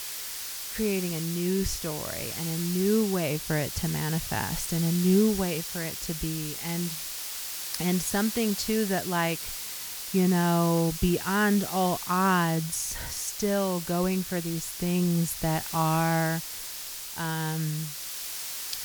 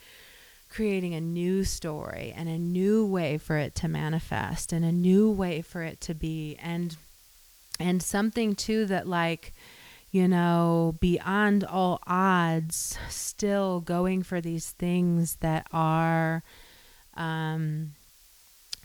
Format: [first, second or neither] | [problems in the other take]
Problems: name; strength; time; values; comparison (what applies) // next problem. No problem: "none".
second | hiss; loud; throughout; 6 dB below the speech; faint in the second